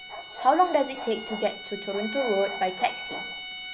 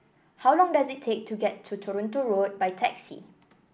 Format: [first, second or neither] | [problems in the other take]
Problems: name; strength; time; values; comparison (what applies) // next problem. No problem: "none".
second | background sound (Bowed string instrument + Bark); 9 dB below the speech